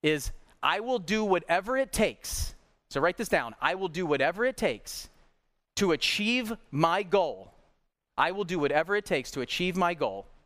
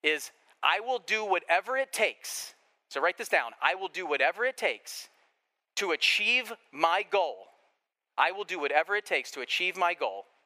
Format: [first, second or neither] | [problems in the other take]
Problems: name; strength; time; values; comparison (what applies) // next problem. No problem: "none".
first | thin; very; fading below 400 Hz